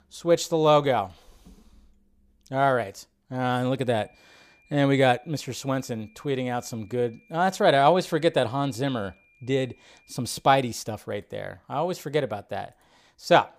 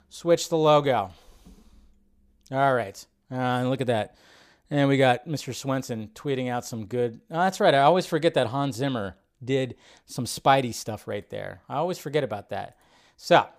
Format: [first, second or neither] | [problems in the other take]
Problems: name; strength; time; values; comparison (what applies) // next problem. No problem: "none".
second | high-pitched whine; faint; from 4 to 10 s; 2.5 kHz, 35 dB below the speech